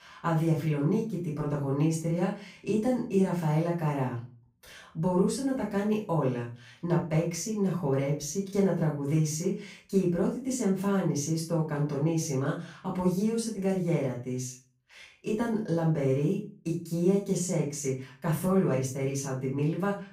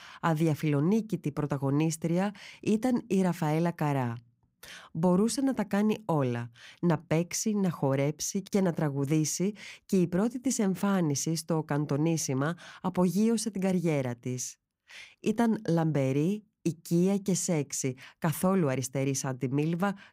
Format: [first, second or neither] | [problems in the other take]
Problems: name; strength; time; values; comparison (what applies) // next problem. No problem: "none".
second | off-mic speech; far // room echo; noticeable; dies away in 0.3 s